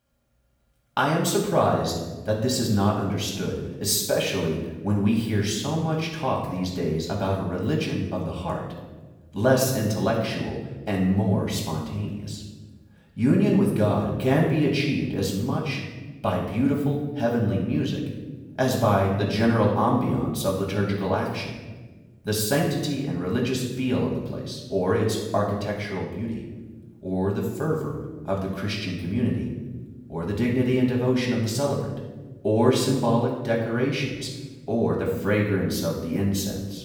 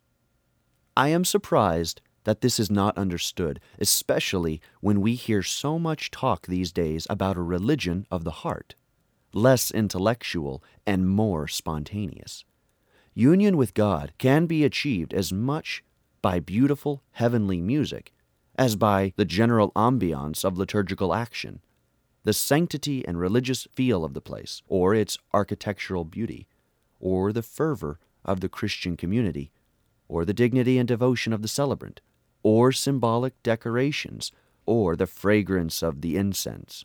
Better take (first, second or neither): second